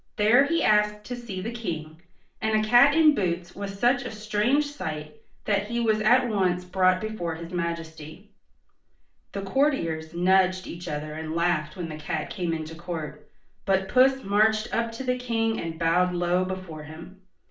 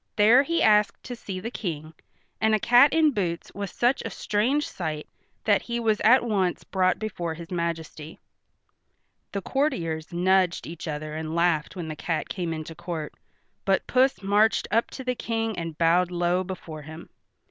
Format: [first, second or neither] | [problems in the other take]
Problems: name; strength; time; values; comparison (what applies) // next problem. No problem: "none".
second | room echo; dies away in 0.4 s